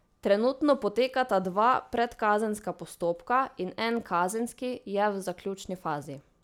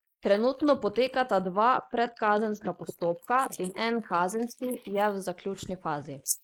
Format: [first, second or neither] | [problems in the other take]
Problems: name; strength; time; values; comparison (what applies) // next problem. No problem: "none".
first | noise reduction (neural mask model Resemble Enhance denoiser)